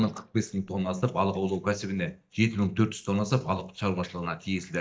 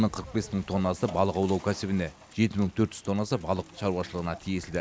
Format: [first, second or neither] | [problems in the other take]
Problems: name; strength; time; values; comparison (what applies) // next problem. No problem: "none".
second | noise reduction (neural mask model DeepFilterNet 3)